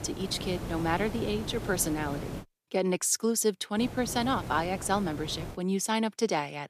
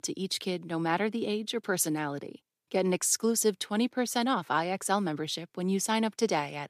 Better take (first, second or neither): second